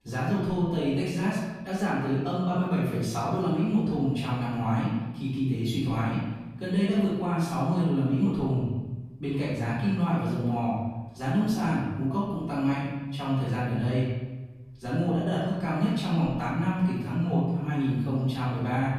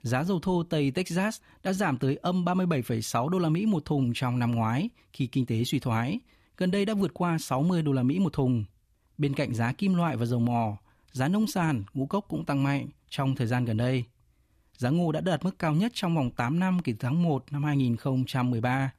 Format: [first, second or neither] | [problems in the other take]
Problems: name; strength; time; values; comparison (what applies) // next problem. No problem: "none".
second | room echo; strong; dies away in 1.1 s // off-mic speech; far